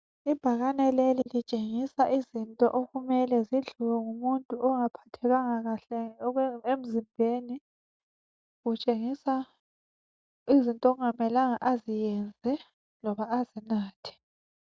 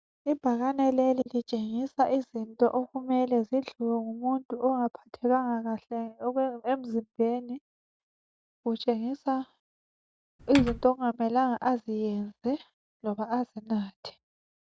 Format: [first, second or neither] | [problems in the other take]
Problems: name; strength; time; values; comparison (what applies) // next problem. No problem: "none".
first | background sound (Typing); 5 dB below the speech